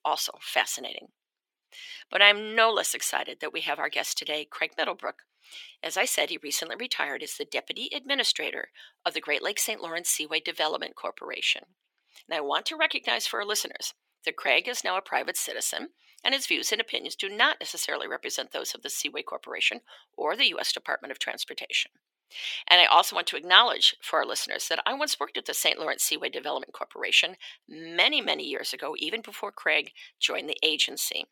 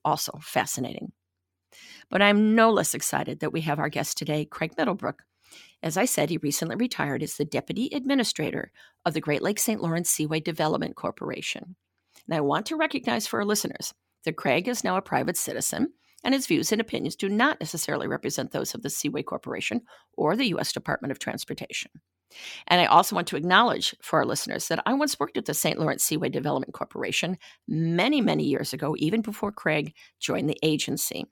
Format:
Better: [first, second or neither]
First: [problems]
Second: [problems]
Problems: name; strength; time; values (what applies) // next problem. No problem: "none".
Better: second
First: thin; very; fading below 450 Hz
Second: none